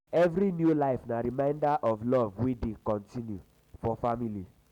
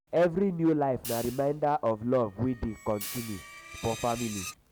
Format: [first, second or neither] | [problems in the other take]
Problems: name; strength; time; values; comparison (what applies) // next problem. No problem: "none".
first | background sound (Screech + Hi-hat); 14 dB below the speech